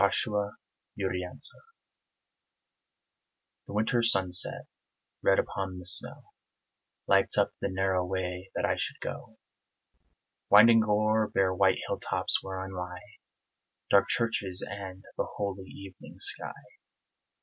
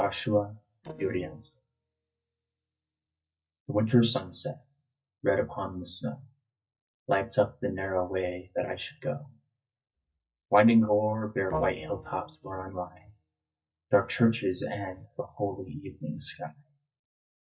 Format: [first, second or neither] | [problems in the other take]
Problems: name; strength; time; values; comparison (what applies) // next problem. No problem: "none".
first | noise reduction (neural mask model DeepFilterNet 3)